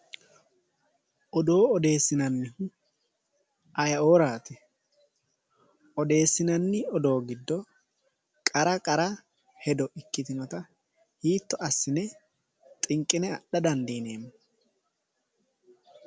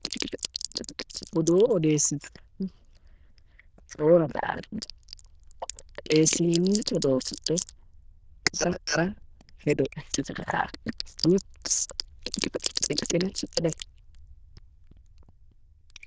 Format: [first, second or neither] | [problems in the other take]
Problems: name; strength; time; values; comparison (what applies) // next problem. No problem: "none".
first | noise reduction (neural diffusion model UNIVERSE++)